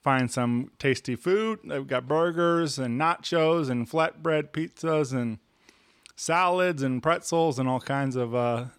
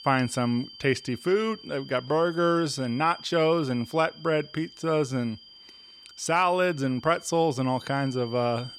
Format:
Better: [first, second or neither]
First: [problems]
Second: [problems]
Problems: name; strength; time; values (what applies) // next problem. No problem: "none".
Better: first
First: none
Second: high-pitched whine; noticeable; throughout; 5 kHz, 20 dB below the speech